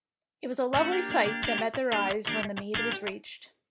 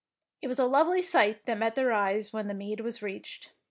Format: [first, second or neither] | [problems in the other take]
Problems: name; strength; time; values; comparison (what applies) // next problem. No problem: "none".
second | background sound (Electric guitar); 3 dB below the speech